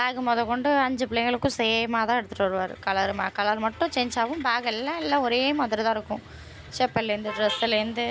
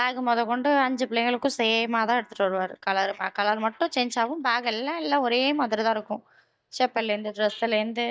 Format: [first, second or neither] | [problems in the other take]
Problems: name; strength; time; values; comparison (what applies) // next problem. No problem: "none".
first | noise reduction (neural mask model DeepFilterNet 3)